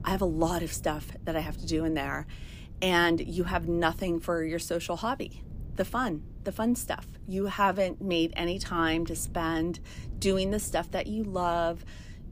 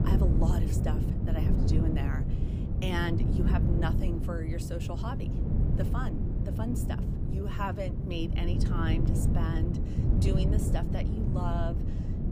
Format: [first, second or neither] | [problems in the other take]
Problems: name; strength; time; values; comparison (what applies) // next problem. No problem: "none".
first | wind noise on the microphone; heavy; 2 dB below the speech; occasional gusts in the first